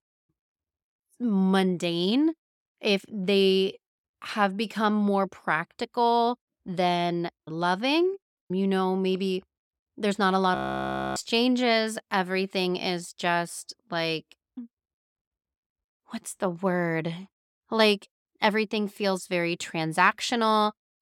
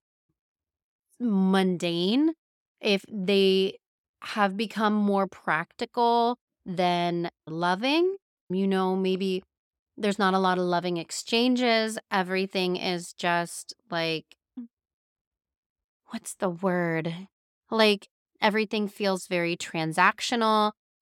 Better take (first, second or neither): second